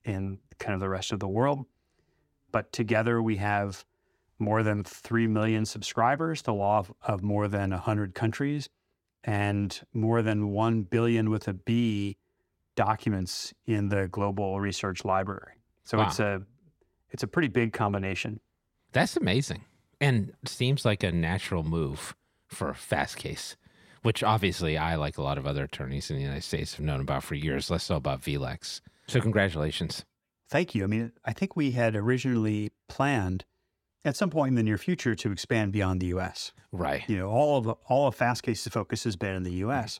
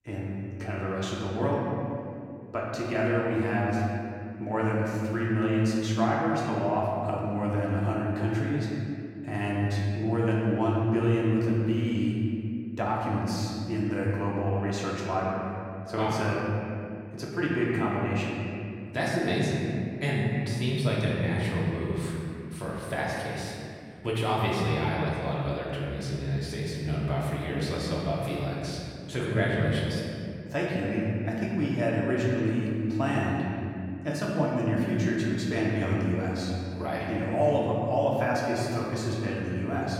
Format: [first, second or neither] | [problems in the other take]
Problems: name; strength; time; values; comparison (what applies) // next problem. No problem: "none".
first | room echo; noticeable; dies away in 2.5 s // off-mic speech; far